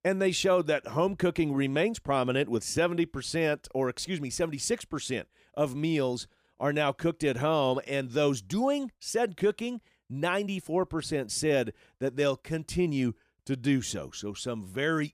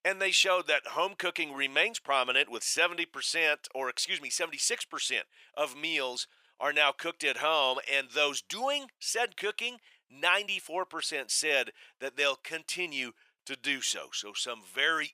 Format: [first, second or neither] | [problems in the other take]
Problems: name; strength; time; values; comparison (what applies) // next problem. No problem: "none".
first | thin; very; fading below 850 Hz